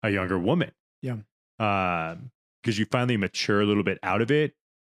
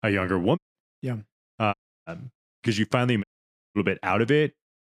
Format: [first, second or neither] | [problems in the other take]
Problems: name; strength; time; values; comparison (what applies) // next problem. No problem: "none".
first | audio cutting out; at 0.5 s, at 1.5 s and at 3 s for 0.5 s